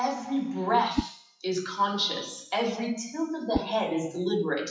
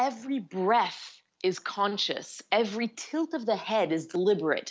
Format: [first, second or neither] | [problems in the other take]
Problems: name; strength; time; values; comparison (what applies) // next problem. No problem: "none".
second | noise reduction (classical method WPE with log-MMSE)